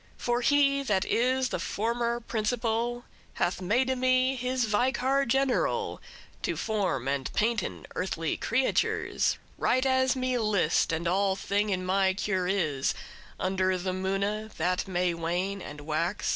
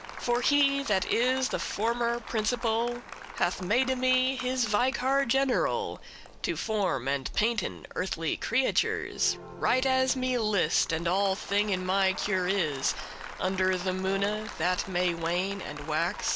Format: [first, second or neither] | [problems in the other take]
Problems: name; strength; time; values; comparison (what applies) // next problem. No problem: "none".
first | background sound (Applause + Brass instrument); 15 dB below the speech